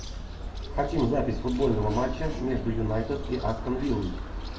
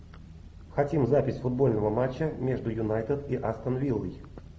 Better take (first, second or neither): second